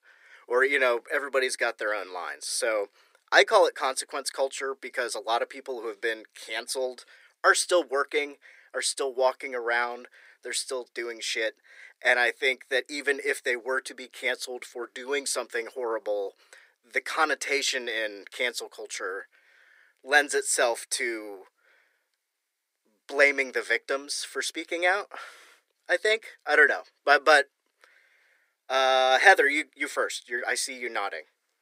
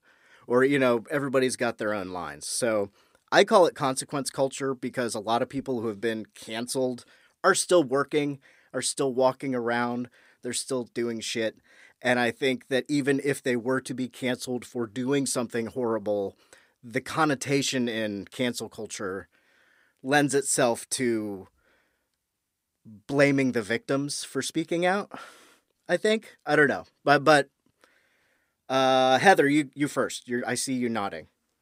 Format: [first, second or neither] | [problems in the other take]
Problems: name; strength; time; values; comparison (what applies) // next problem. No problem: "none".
second | thin; very; fading below 400 Hz